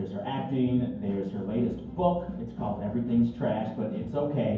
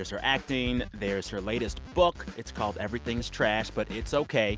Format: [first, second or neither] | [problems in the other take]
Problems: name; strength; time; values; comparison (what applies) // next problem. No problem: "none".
second | room echo; dies away in 0.9 s